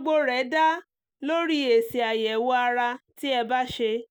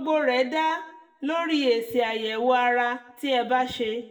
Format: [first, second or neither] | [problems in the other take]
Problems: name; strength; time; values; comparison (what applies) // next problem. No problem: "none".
first | room echo; dies away in 0.6 s